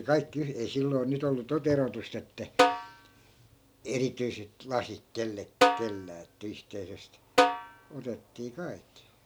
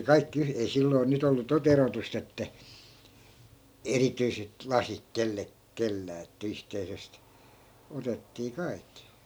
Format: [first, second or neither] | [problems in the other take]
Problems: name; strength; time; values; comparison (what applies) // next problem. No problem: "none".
second | background sound (Snare drum); 4 dB above the speech